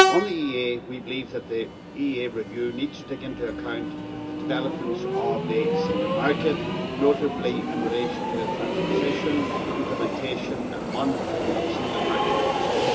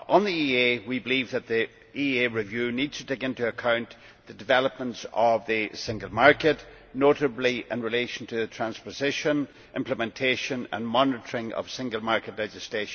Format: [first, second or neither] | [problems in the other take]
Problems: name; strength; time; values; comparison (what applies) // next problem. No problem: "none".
second | background sound (Train); 2 dB above the speech // room echo; dies away in 0.2 s